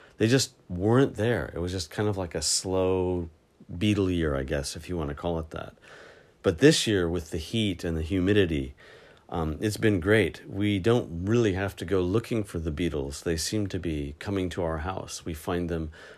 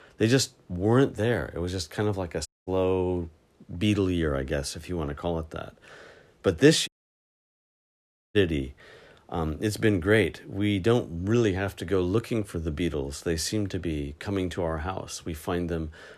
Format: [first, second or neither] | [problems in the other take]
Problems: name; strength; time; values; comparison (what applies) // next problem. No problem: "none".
first | audio cutting out; at 2.5 s and at 7 s for 1.5 s